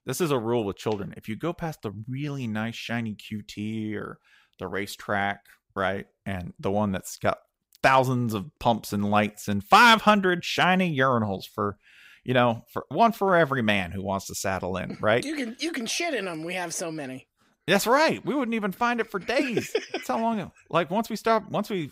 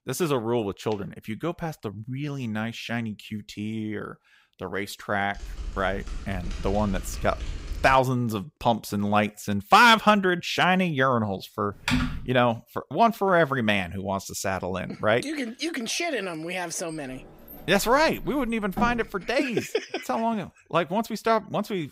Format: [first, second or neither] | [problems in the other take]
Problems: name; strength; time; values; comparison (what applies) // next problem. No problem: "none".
first | keyboard typing; faint; from 5.5 to 8 s; peak 10 dB below the speech // keyboard typing; noticeable; at 12 s; peak 1 dB below the speech // door banging; noticeable; from 17 to 19 s; peak 7 dB below the speech